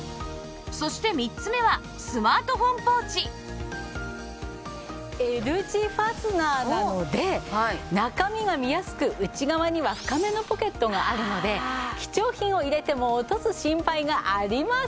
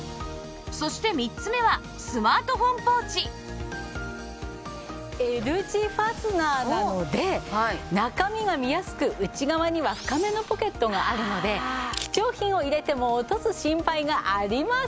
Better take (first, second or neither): first